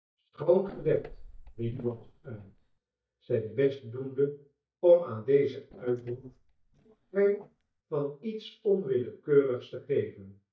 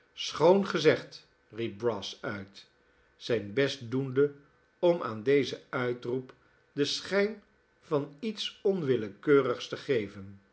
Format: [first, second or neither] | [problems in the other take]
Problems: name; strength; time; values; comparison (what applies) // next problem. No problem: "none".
second | noise reduction (neural mask model DeepFilterNet 3)